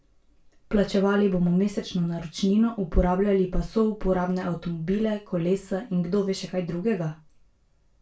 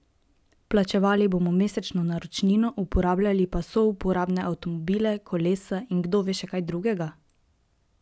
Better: second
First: room echo; dies away in 0.2 s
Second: none

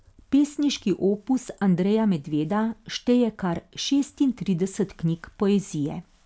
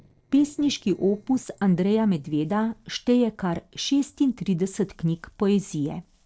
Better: first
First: none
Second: noise reduction (neural separator model SepFormer DNS4)

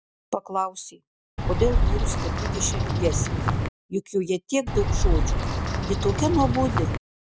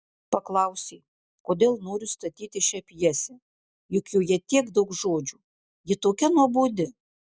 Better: second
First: background sound (Bird vocalization, bird call, bird song); 5 dB above the speech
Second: none

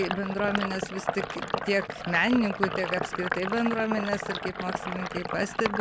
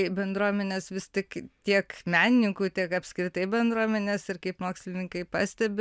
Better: second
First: background sound (Sink (filling or washing)); 3 dB below the speech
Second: none

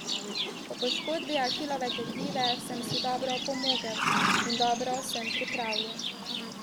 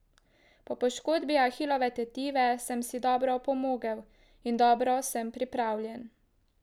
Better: second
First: background sound (Livestock, farm animals, working animals); 2 dB above the speech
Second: none

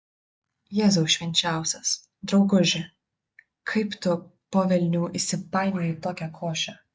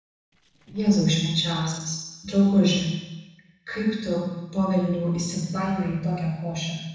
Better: first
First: none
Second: noise reduction (neural separator model SepFormer DNS4)

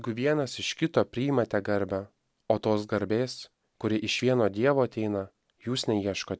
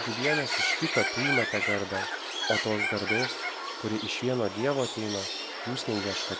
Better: first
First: none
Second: background sound (Bird); as loud as the speech

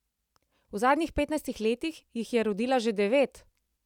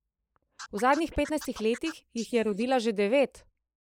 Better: first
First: none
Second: noise reduction (neural mask model Resemble Enhance denoiser)

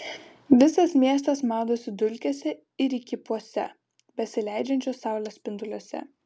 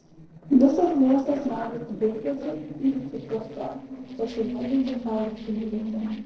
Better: first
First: none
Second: noise reduction (neural separator model SepFormer DNS4)

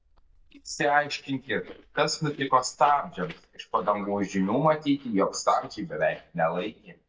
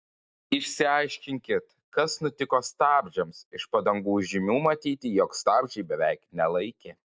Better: second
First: noise reduction (neural mask model DeepFilterNet 3)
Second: none

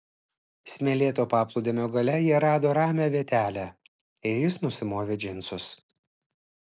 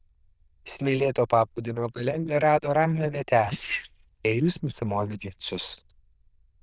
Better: first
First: none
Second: noise reduction (neural diffusion model UNIVERSE++)

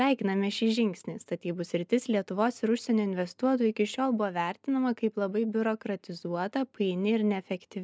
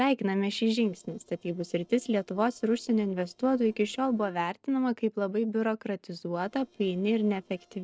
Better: first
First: none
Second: noise reduction (neural separator model SepFormer DNS4)

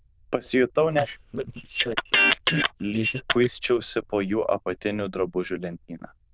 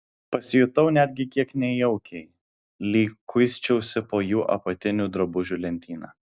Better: second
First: noise reduction (neural diffusion model UNIVERSE++)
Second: none

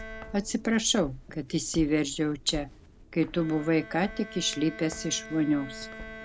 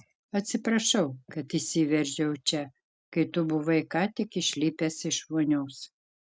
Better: second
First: background sound (Walk, footsteps + Bowed string instrument); 14 dB below the speech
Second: none

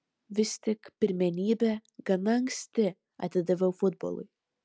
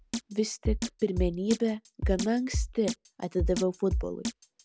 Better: first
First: none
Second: background sound (Drum kit); 3 dB below the speech

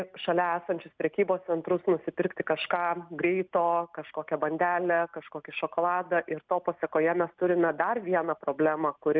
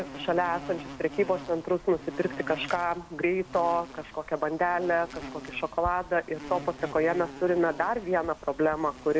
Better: first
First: none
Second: background sound (Insect); 14 dB below the speech

